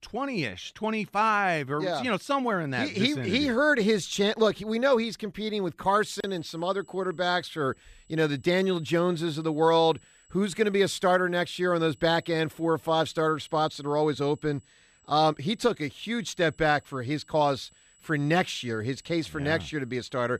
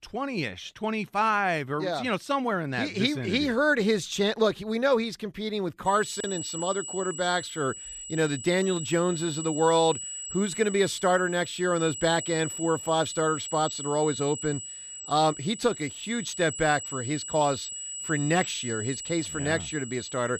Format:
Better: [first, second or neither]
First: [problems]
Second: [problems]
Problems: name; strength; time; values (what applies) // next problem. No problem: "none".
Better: first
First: high-pitched whine; faint; from 6 s on; 8 kHz, 35 dB below the speech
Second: high-pitched whine; loud; from 6 s on; 8 kHz, 8 dB below the speech